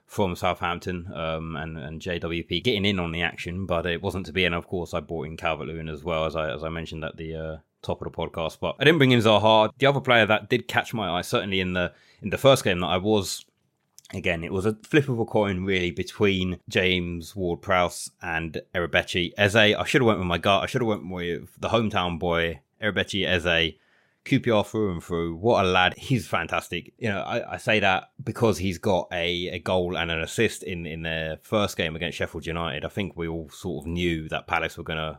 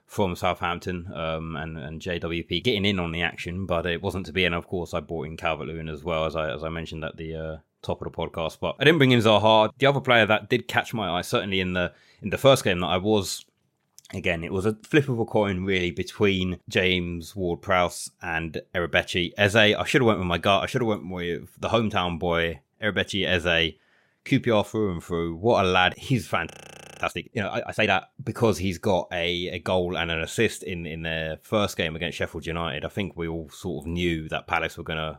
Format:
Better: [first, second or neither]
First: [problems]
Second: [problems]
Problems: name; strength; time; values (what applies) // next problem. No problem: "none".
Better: first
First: none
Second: audio freezing; at 27 s for 0.5 s